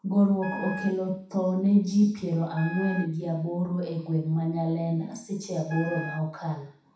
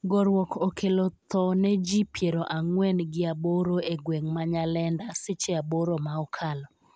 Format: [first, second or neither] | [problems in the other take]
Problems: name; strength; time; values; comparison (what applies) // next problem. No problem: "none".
second | background sound (Wind instrument, woodwind instrument); 13 dB below the speech // room echo; dies away in 0.7 s